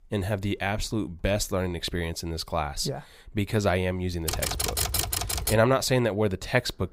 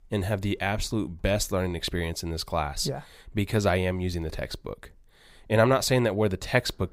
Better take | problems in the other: second | keyboard typing; loud; from 4.5 to 5.5 s; peak 2 dB above the speech

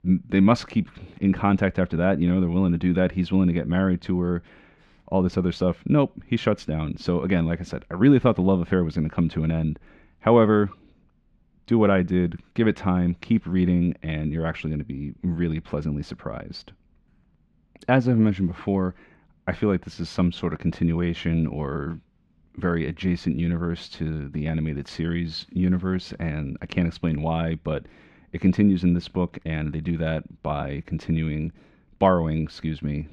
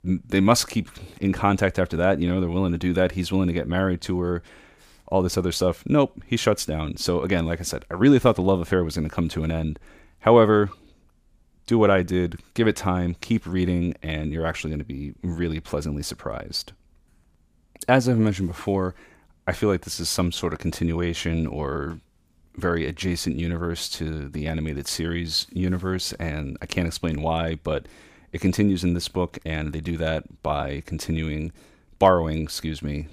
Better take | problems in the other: second | muffled; slightly; fading above 2.5 kHz

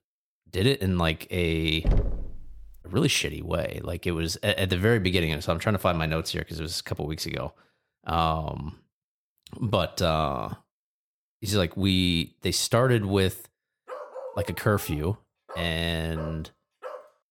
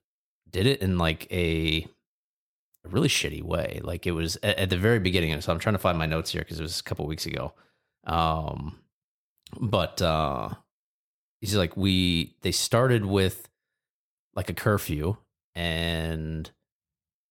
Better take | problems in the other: second | door banging; noticeable; at 2 s; peak 1 dB below the speech // dog barking; faint; from 14 s on; peak 10 dB below the speech

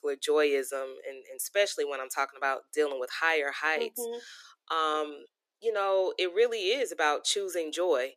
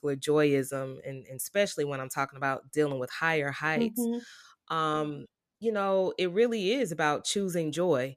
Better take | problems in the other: second | thin; very; fading below 350 Hz

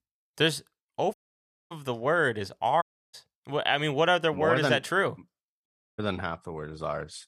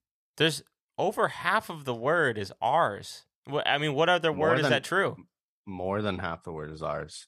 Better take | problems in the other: second | audio cutting out; at 1 s for 0.5 s, at 3 s and at 5.5 s

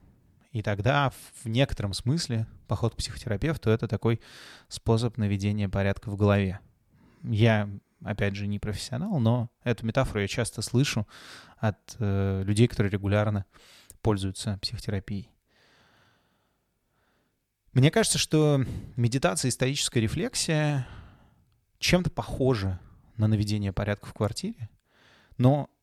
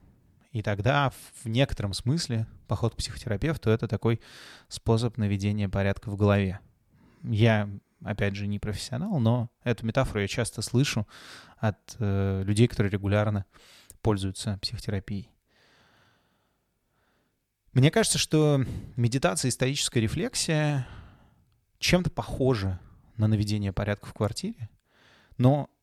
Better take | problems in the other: neither | none

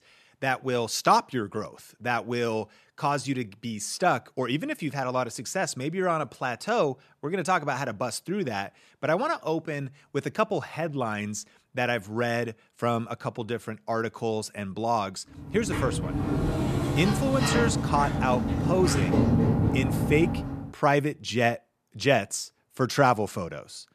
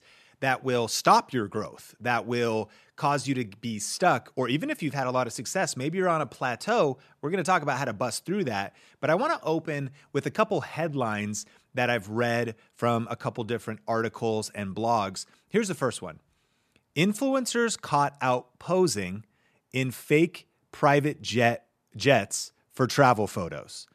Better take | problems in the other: second | door banging; loud; from 16 to 21 s; peak 6 dB above the speech

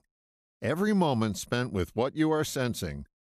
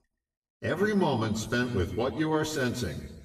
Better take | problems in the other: first | room echo; slight; dies away in 1.1 s // off-mic speech; far

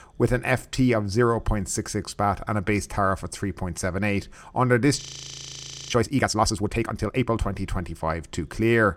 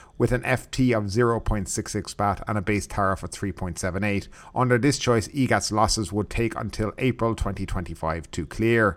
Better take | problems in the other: second | audio freezing; at 5 s for 1 s

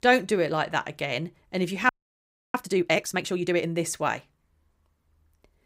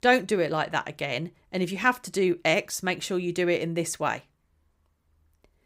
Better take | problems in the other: second | audio freezing; at 2 s for 0.5 s

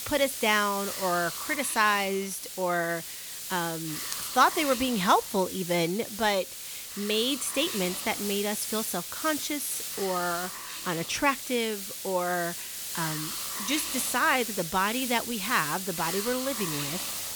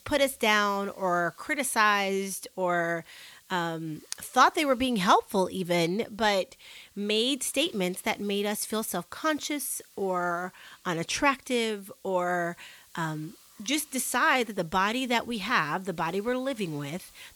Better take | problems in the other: second | hiss; loud; throughout; 5 dB below the speech; faint in the second

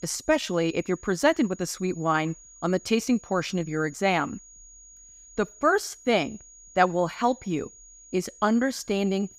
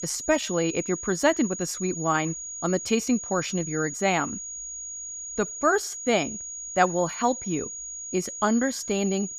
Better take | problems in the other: first | high-pitched whine; loud; throughout; 6.5 kHz, 7 dB below the speech; faint in the first

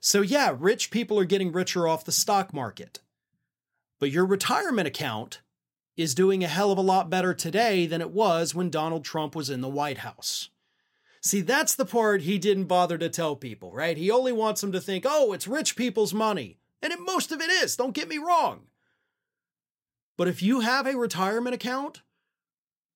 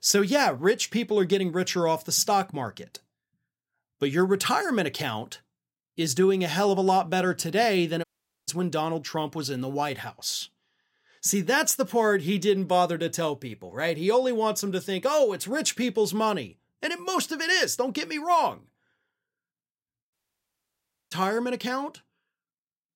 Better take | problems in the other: first | audio cutting out; at 8 s and at 20 s for 1 s

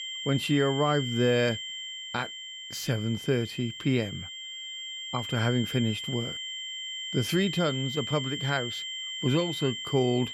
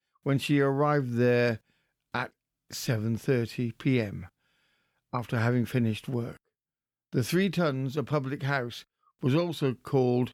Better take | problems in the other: second | high-pitched whine; loud; throughout; 3 kHz, 6 dB below the speech

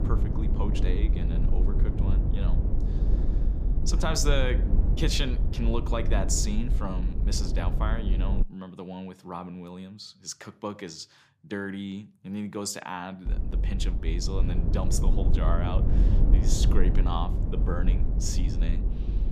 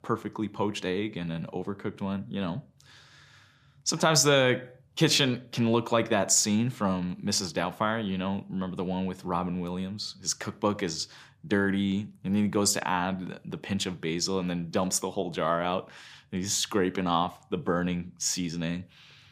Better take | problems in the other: second | low rumble; loud; until 8.5 s and from 13 s on; 6 dB below the speech

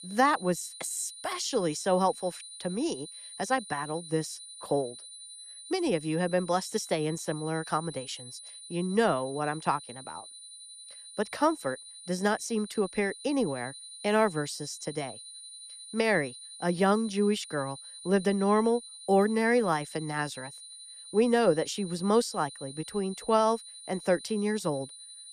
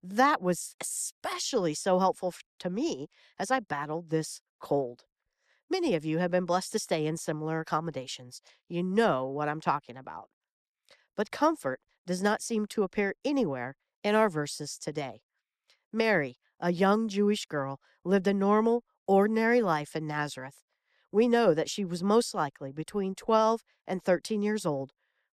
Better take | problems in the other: second | high-pitched whine; noticeable; throughout; 9.5 kHz, 15 dB below the speech

